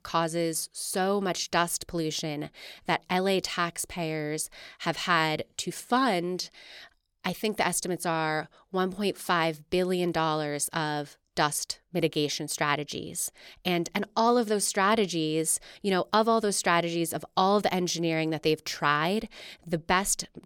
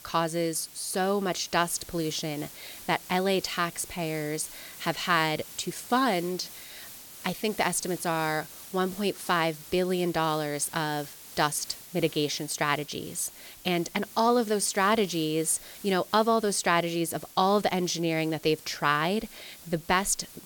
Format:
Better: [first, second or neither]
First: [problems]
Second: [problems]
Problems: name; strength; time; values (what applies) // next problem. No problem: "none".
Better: first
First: none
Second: hiss; noticeable; throughout; 15 dB below the speech